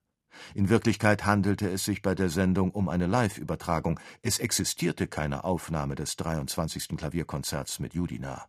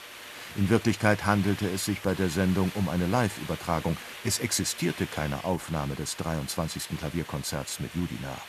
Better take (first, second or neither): first